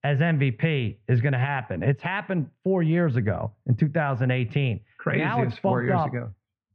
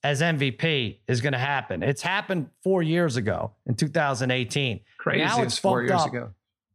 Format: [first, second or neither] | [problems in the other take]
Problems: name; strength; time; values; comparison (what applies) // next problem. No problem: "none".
second | muffled; very; fading above 2.5 kHz